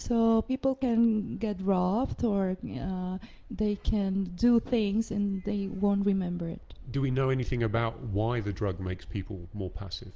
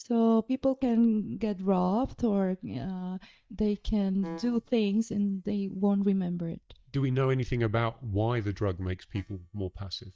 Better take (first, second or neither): first